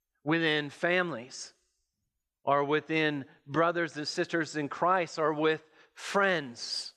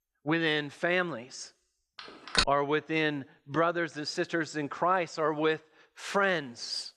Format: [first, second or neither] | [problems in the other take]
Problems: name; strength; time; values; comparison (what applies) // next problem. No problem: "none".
first | phone ringing; loud; at 2 s; peak 2 dB above the speech